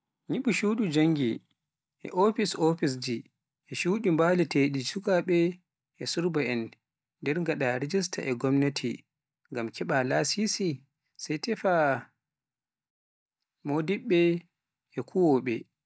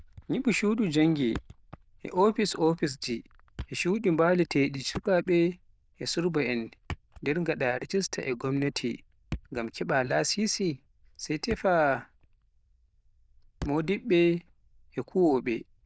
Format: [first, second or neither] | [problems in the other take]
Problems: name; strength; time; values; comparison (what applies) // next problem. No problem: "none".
first | noise reduction (neural diffusion model UNIVERSE++)